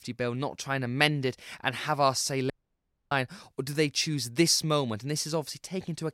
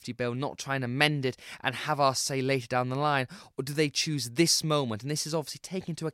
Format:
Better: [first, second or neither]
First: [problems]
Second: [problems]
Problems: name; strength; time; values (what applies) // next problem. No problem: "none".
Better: second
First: audio cutting out; at 2.5 s for 0.5 s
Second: none